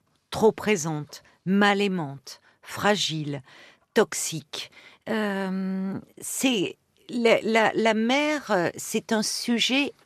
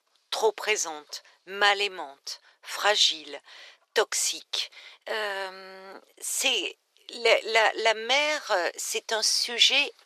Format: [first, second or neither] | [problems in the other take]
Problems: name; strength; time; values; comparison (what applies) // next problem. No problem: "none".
first | thin; very; fading below 450 Hz